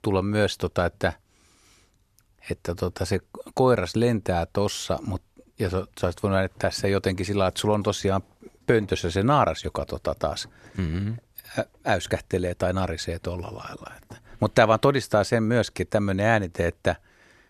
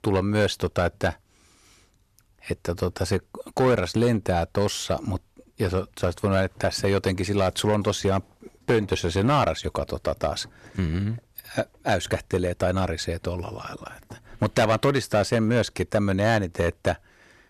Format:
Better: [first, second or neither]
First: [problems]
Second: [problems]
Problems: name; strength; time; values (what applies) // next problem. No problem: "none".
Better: first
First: none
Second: distortion; slight; 4% of the sound clipped